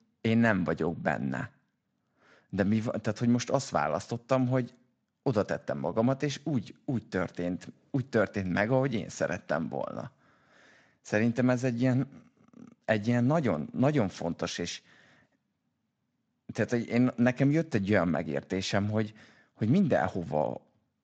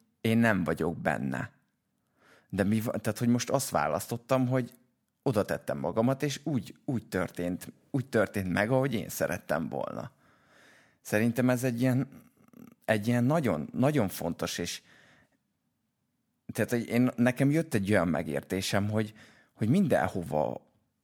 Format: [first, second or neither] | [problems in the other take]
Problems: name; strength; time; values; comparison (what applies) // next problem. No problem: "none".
second | garbled, watery; slightly; nothing above 7.5 kHz